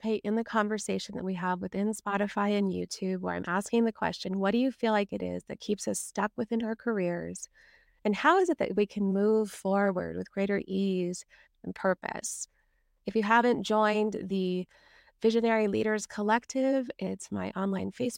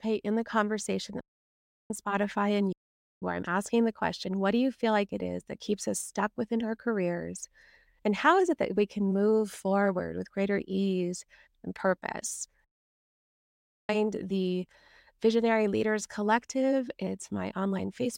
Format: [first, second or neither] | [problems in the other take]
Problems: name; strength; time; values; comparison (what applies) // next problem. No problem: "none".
first | audio cutting out; at 1 s for 0.5 s, at 2.5 s and at 13 s for 1 s